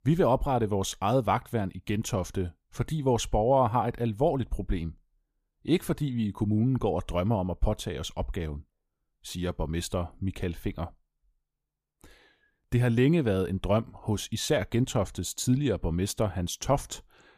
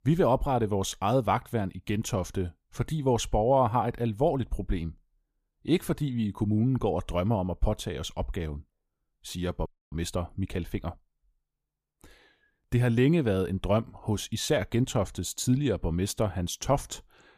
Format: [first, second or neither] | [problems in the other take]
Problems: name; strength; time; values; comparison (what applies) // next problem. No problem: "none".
first | audio freezing; at 9.5 s